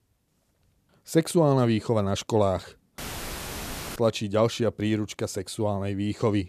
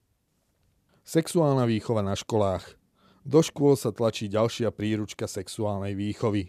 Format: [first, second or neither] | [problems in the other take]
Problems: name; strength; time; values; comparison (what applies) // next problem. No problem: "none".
second | audio cutting out; filled with static; at 3 s for 1 s